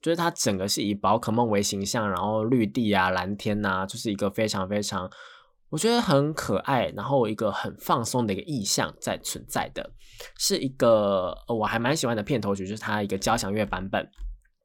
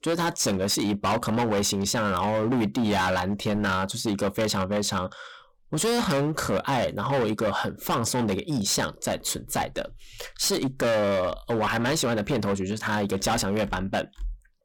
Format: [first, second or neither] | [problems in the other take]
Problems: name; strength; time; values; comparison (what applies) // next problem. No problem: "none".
first | distortion; heavy; 19% of the sound clipped